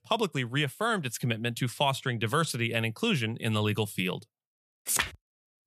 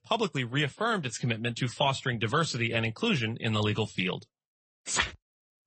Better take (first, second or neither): first